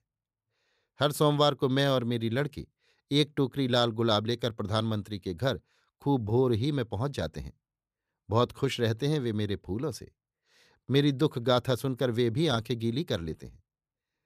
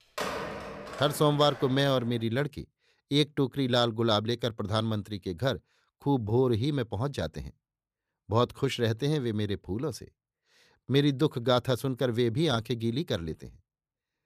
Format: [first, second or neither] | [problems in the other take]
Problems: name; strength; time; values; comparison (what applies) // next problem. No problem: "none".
first | phone ringing; noticeable; until 2 s; peak 5 dB below the speech